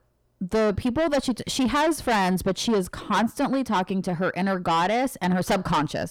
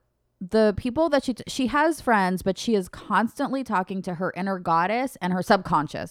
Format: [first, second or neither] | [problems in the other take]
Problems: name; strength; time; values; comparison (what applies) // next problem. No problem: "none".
second | distortion; heavy; 7 dB below the speech